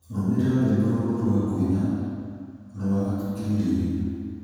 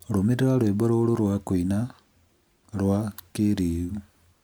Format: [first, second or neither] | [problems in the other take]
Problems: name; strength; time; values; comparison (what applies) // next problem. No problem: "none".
second | room echo; dies away in 2.1 s